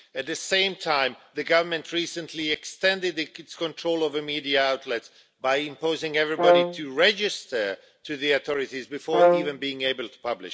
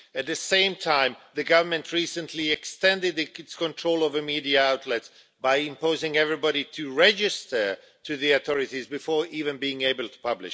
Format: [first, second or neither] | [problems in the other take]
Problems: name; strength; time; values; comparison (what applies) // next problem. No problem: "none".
second | background sound (Brass instrument); 3 dB above the speech